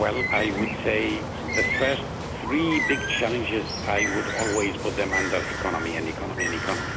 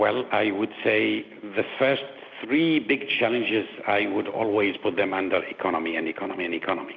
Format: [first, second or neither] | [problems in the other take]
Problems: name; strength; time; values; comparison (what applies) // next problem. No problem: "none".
second | background sound (Bird); 2 dB below the speech